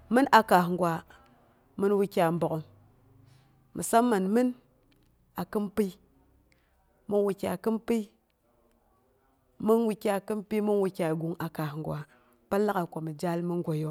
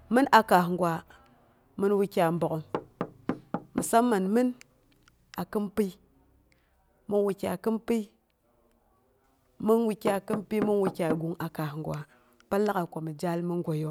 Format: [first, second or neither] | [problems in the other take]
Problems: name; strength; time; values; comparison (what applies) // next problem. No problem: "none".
first | background sound (Knock / Wood); 11 dB below the speech